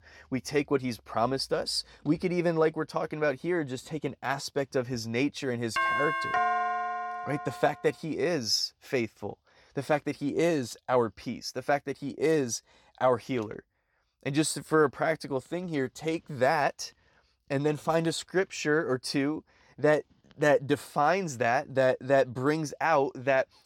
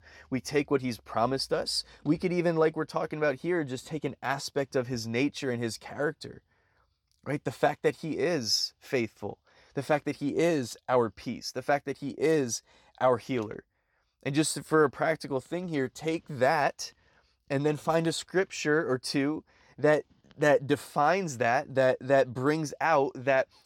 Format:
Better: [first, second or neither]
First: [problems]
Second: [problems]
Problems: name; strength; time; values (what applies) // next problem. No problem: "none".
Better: second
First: doorbell; loud; from 6 to 7.5 s; peak 2 dB above the speech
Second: none